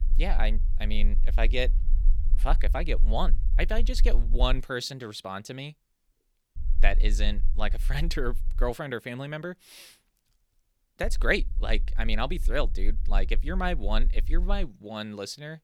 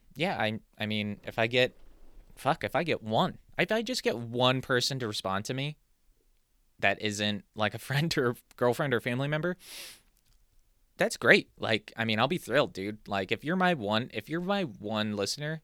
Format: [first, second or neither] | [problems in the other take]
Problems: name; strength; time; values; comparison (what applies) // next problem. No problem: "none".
second | low rumble; faint; until 4.5 s, from 6.5 to 8.5 s and from 11 to 15 s; 20 dB below the speech